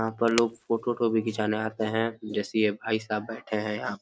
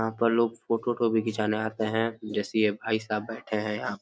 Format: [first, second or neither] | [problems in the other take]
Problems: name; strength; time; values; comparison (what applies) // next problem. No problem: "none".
second | background sound (Wood); 13 dB below the speech